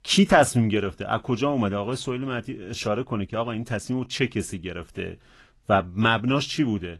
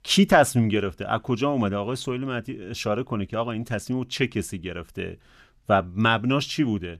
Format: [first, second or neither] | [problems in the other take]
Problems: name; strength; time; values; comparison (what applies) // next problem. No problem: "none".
second | garbled, watery; slightly; nothing above 11.5 kHz